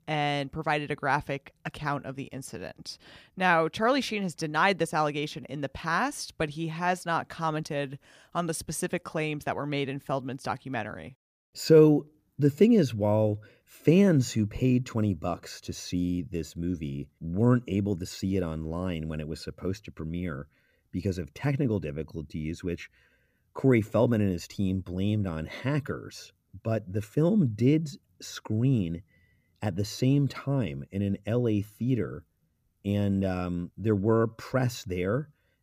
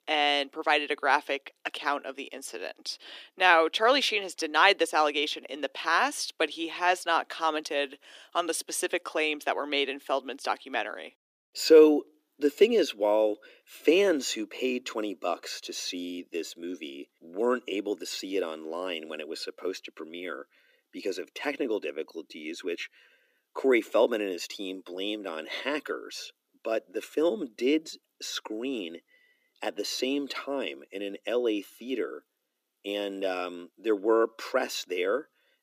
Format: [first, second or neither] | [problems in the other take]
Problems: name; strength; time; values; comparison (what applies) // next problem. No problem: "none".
first | thin; somewhat; fading below 300 Hz